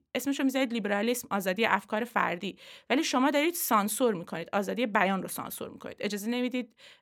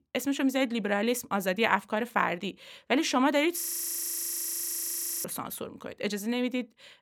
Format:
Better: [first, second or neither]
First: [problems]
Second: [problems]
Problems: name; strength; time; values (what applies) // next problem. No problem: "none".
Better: first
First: none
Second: audio freezing; at 3.5 s for 1.5 s